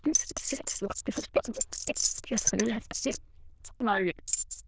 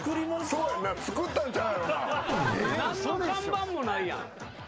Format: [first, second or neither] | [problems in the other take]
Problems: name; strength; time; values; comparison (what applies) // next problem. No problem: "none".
second | noise reduction (neural diffusion model UNIVERSE++)